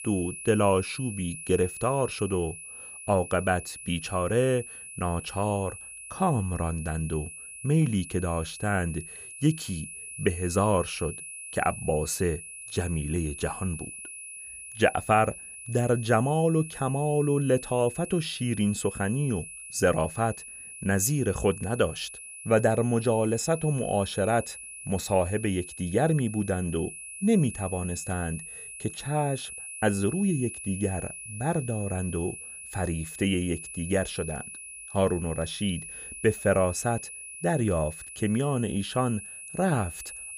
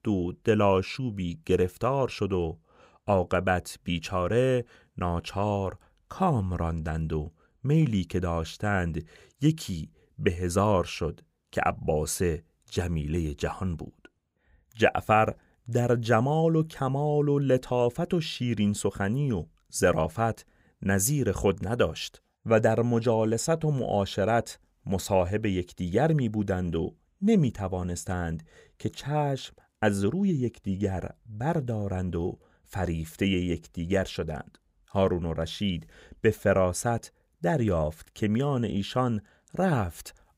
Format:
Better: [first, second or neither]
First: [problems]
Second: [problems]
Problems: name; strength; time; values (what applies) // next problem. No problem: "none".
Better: second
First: high-pitched whine; noticeable; throughout; 10.5 kHz, 10 dB below the speech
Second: none